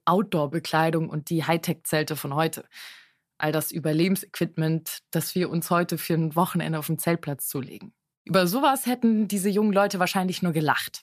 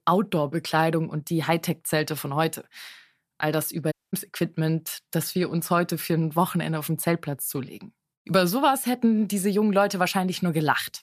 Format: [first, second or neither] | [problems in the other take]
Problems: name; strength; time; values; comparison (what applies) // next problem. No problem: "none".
first | audio cutting out; at 4 s